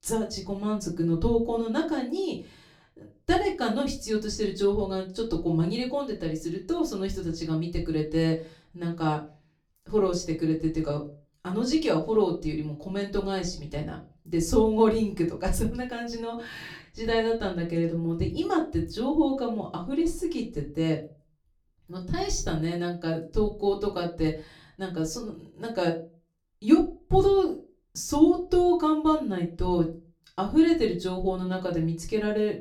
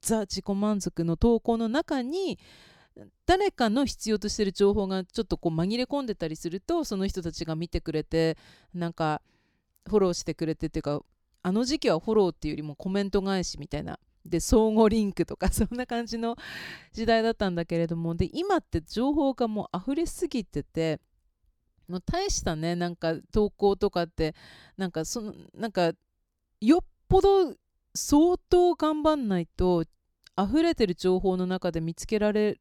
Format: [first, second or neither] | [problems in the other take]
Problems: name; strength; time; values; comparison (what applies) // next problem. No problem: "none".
second | off-mic speech; far // room echo; very slight; dies away in 0.3 s